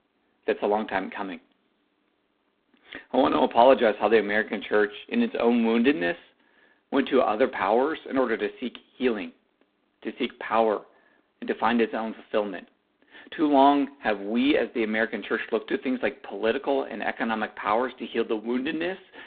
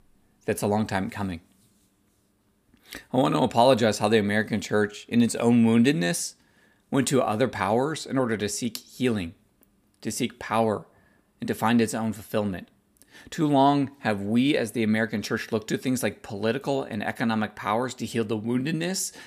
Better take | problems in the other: second | phone-call audio; poor line; nothing above 4 kHz

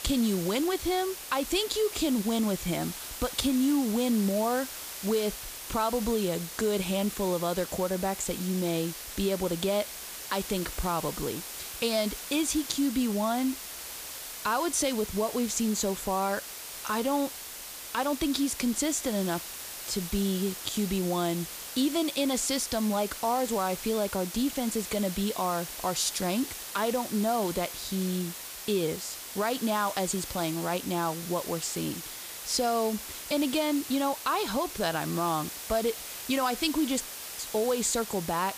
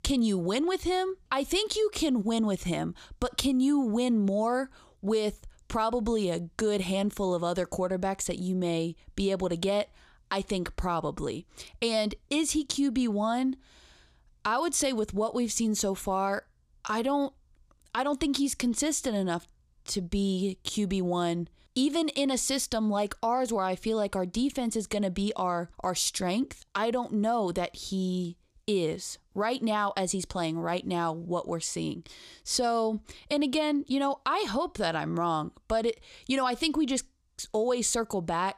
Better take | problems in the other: second | hiss; loud; throughout; 8 dB below the speech

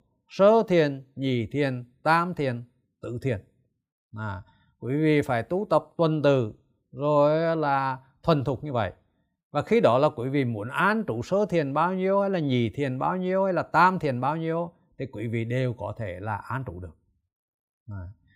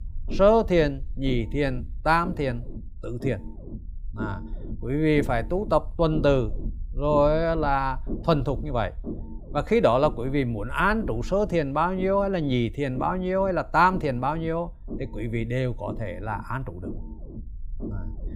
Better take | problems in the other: first | low rumble; faint; throughout; 20 dB below the speech

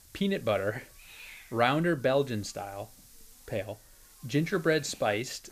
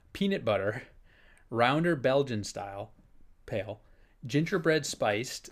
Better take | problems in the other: second | hiss; faint; throughout; 20 dB below the speech

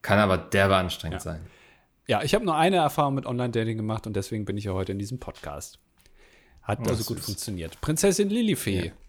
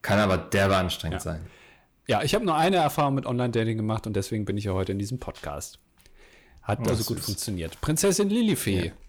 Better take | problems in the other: first | distortion; slight; 10 dB below the speech

